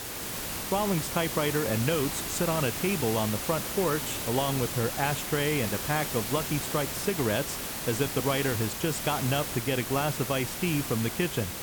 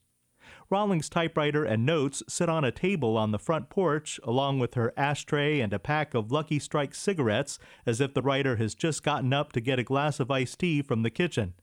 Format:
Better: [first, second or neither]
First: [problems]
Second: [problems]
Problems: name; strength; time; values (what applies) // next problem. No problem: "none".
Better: second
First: hiss; loud; throughout; 3 dB below the speech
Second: none